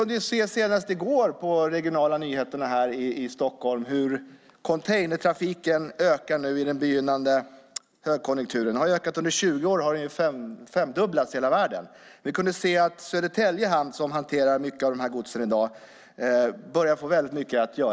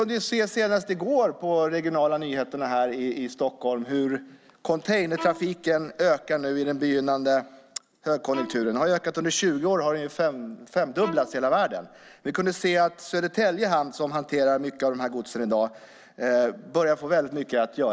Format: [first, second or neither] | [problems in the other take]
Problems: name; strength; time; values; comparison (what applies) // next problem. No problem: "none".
first | background sound (Bowed string instrument); 17 dB below the speech